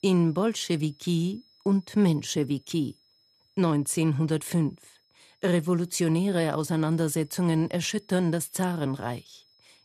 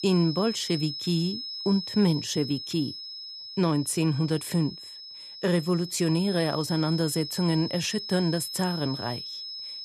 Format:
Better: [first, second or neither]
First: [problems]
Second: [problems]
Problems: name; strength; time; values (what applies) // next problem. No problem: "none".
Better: first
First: high-pitched whine; faint; throughout; 5 kHz, 35 dB below the speech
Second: high-pitched whine; loud; throughout; 5 kHz, 8 dB below the speech